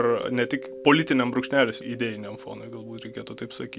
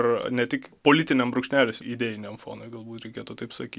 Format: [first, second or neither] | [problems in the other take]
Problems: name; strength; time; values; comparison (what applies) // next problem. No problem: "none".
second | background sound (Mallet percussion); 15 dB below the speech